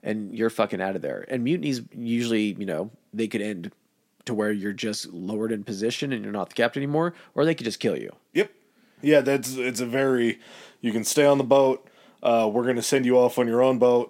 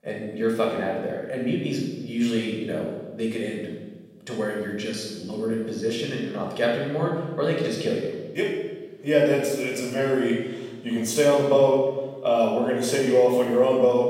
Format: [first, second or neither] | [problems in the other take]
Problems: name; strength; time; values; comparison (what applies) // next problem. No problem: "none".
first | room echo; noticeable; dies away in 1.2 s // off-mic speech; far